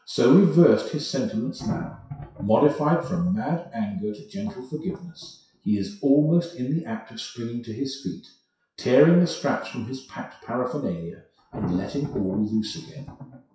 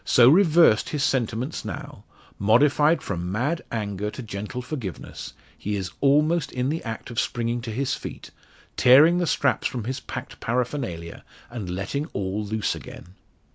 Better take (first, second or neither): second